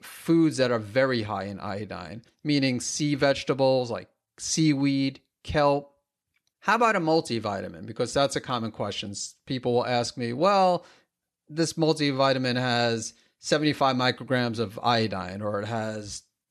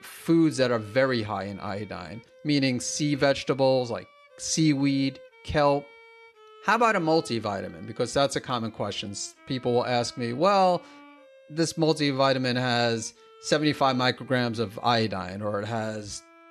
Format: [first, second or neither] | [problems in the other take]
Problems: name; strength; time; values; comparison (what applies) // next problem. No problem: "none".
first | background music; faint; throughout; 25 dB below the speech